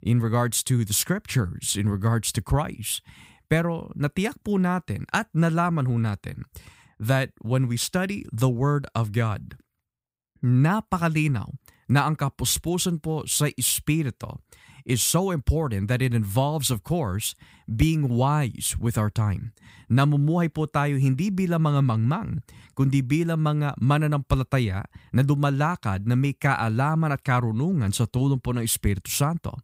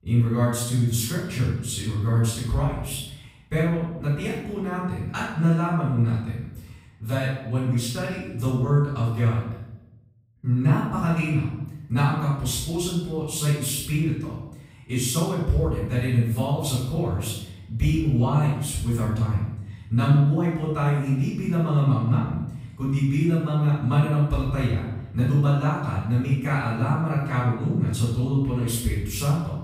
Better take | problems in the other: first | room echo; noticeable; dies away in 0.8 s // off-mic speech; far

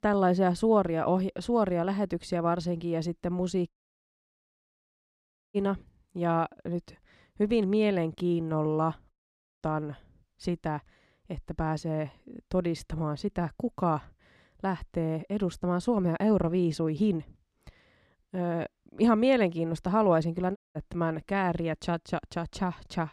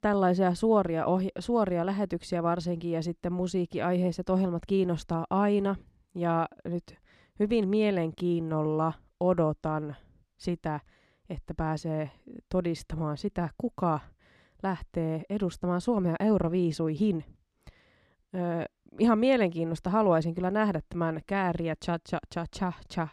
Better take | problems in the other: second | audio cutting out; at 3.5 s for 2 s, at 9 s and at 21 s

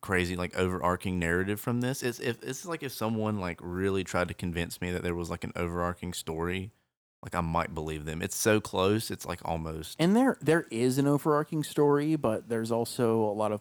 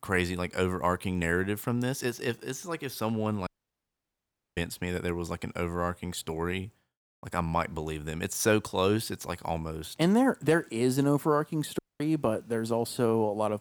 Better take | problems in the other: first | audio cutting out; at 3.5 s for 1 s and at 12 s

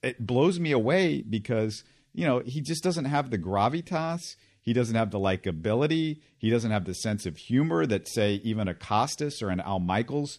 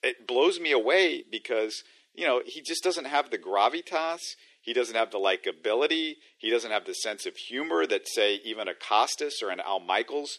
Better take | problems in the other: first | thin; very; fading below 350 Hz

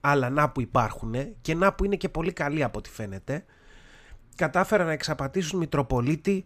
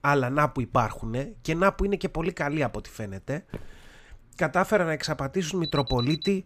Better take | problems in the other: first | footsteps; faint; at 3.5 s; peak 15 dB below the speech // alarm; noticeable; at 5.5 s; peak 6 dB below the speech

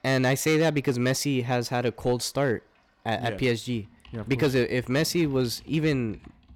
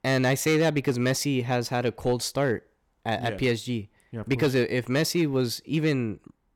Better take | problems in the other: second | household noises; faint; throughout; 25 dB below the speech

